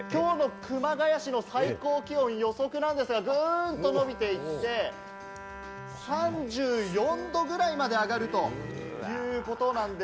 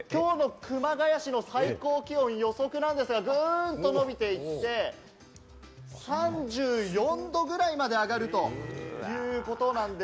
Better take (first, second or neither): second